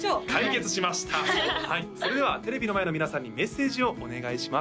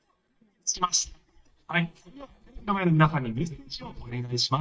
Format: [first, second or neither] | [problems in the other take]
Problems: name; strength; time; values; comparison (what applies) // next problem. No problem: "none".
first | noise reduction (neural mask model DeepFilterNet 3)